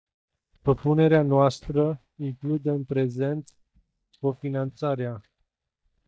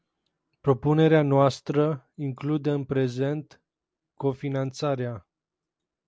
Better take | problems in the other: second | noise reduction (neural mask model DeepFilterNet 3)

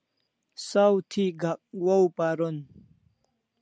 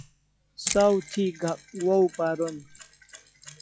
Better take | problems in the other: first | noise reduction (classical method log-MMSE)

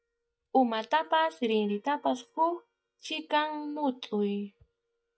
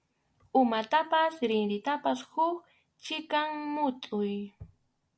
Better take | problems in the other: second | noise reduction (neural mask model DeepFilterNet 3)

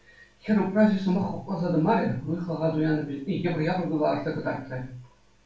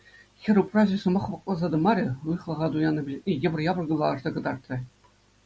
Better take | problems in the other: second | room echo; dies away in 0.4 s

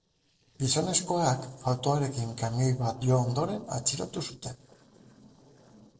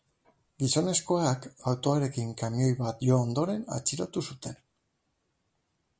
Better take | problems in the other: second | noise reduction (neural separator model SepFormer DNS4)

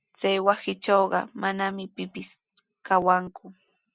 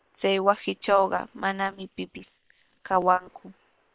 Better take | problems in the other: first | noise reduction (neural separator model SepFormer WHAM!)

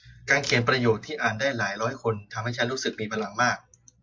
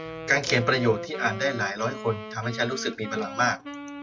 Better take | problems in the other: first | background sound (Wind instrument, woodwind instrument); 9 dB below the speech

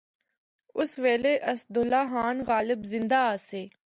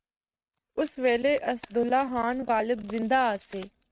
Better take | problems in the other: first | noise reduction (neural mask model RNNoise)

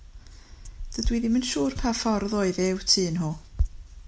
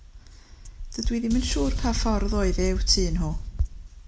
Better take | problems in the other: first | background sound (Boom); 1 dB above the speech

